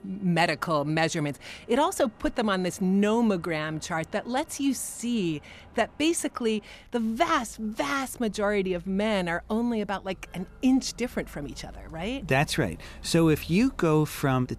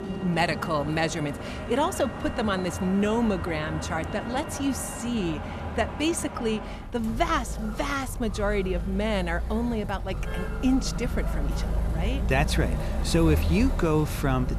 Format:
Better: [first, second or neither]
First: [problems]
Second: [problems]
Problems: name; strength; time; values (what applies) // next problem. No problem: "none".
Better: first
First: traffic noise; faint; throughout; 25 dB below the speech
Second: traffic noise; loud; throughout; 5 dB below the speech